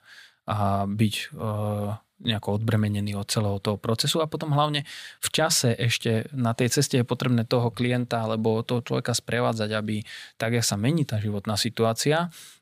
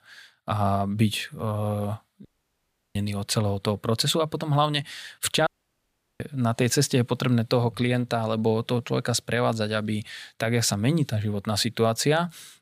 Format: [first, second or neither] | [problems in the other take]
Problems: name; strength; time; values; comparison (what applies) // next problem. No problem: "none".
first | audio cutting out; at 2.5 s for 0.5 s and at 5.5 s for 0.5 s